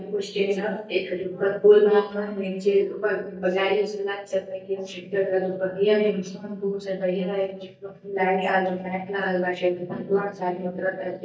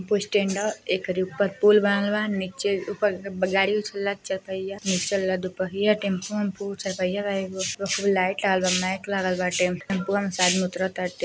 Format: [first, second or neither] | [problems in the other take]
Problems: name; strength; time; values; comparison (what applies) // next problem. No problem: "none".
second | noise reduction (neural mask model DeepFilterNet 3)